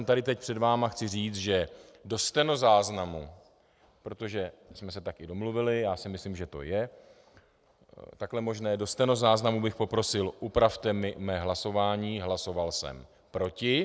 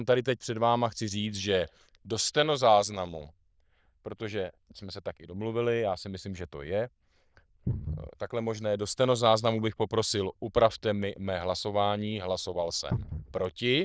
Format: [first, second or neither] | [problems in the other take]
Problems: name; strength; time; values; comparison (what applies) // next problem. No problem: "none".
first | noise reduction (neural diffusion model UNIVERSE++)